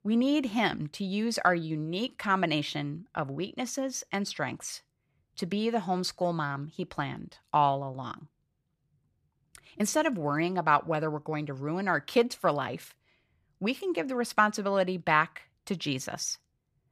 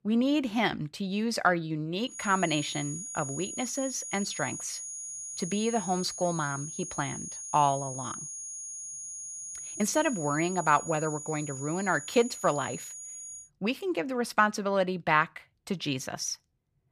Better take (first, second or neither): first